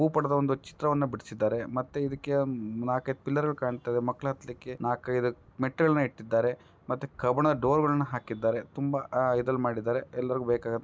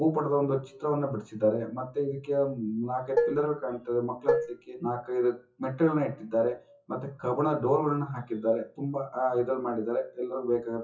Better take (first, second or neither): first